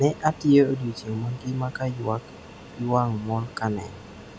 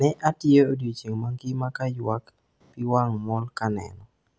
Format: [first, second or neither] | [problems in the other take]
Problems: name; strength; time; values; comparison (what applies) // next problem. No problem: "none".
second | background sound (Fixed-wing aircraft, airplane); 18 dB below the speech